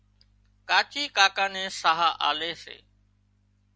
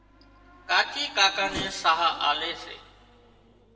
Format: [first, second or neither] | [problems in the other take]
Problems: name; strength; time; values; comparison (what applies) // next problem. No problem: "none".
first | background sound (Race car, auto racing / Accelerating, revving, vroom); 17 dB below the speech // room echo; dies away in 1.6 s